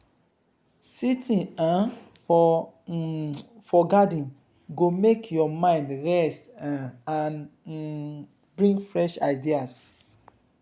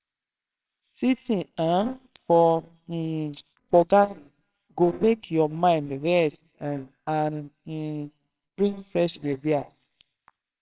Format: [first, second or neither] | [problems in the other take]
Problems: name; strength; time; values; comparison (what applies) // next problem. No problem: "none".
first | noise reduction (neural separator model SepFormer WHAMR!)